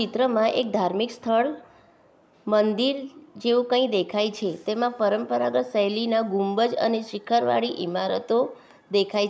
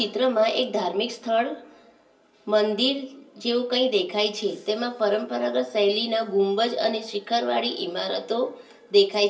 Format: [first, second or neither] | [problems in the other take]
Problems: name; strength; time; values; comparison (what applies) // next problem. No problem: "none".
first | room echo; dies away in 0.3 s